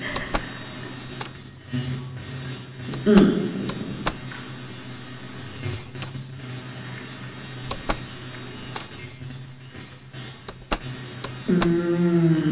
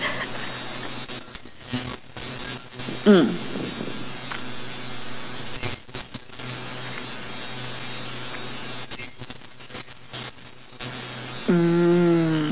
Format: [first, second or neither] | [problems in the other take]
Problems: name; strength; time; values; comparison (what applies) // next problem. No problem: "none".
second | background sound (Slam); 11 dB below the speech // room echo; dies away in 1.1 s